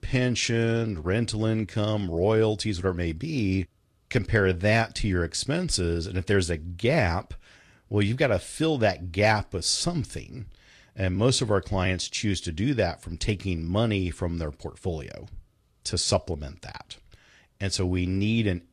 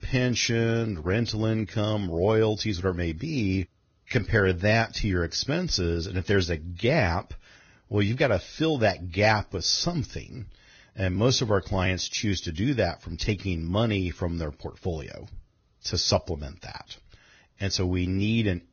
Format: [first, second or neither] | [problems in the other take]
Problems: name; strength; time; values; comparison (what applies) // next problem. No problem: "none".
first | garbled, watery; badly; nothing above 6.5 kHz; slightly in the first